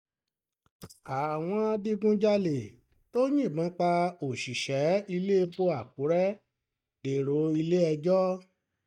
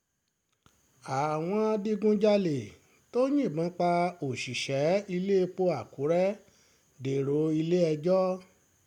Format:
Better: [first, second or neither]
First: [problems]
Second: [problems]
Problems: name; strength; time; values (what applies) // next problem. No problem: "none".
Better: second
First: noise reduction (neural mask model DeepFilterNet 3)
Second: none